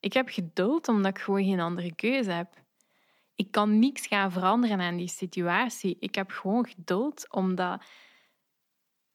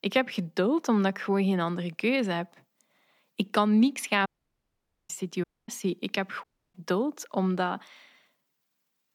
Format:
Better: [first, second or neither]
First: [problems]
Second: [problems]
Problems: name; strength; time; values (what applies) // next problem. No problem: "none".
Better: first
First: none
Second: audio cutting out; at 4.5 s for 1 s, at 5.5 s and at 6.5 s